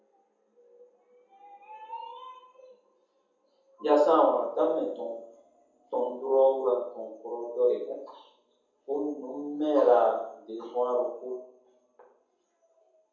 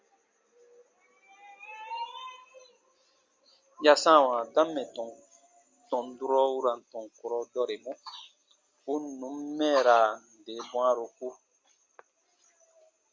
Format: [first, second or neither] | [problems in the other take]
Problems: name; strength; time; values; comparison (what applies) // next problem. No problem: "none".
second | room echo; dies away in 0.7 s